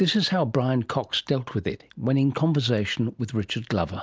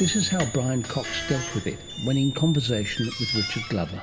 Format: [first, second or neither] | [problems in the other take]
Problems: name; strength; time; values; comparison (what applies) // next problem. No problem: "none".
first | background sound (Squeak); 7 dB below the speech // room echo; dies away in 0.8 s